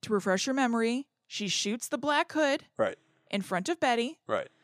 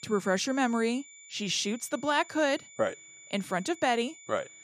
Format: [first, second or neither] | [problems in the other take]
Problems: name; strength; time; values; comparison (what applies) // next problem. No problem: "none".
first | high-pitched whine; noticeable; throughout; 7 kHz, 20 dB below the speech